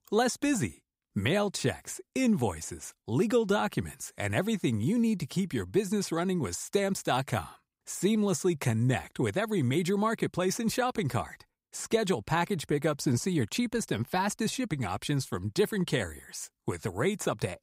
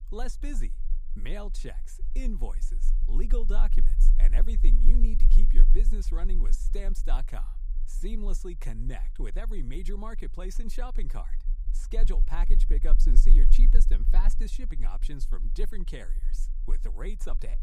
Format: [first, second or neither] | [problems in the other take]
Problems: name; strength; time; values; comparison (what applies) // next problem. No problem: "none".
first | low rumble; noticeable; throughout; 15 dB below the speech